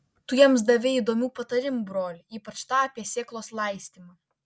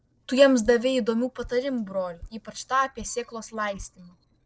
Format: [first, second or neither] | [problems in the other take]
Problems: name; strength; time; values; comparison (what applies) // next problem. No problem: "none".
first | noise reduction (neural separator model SepFormer DNS4)